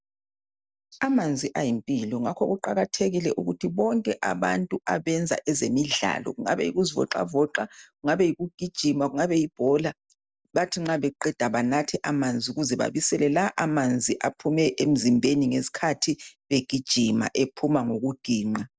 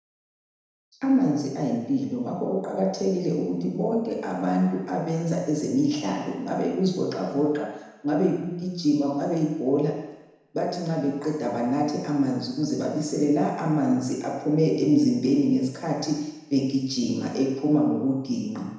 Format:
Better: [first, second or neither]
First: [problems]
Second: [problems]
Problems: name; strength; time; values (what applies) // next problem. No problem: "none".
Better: first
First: none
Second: room echo; dies away in 1 s